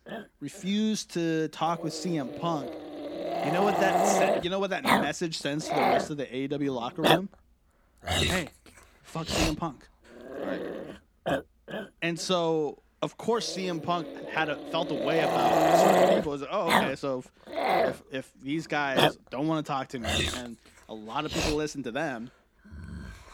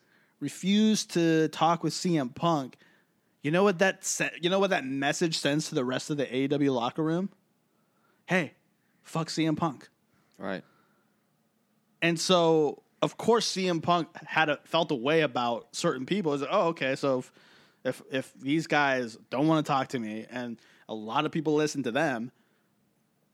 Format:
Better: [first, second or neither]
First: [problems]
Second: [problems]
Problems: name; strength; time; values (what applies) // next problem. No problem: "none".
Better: second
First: animal sounds; very loud; throughout; 4 dB above the speech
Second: none